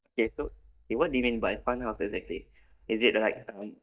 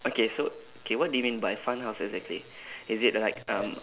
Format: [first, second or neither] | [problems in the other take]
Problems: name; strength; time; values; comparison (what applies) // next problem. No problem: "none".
second | noise reduction (neural mask model DeepFilterNet 3)